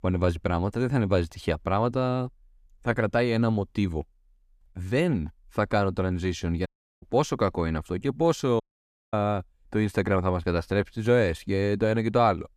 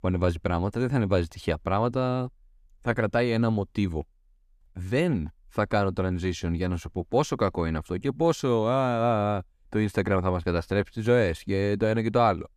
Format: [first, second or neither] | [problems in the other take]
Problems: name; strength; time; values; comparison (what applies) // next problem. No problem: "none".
second | audio cutting out; at 6.5 s and at 8.5 s for 0.5 s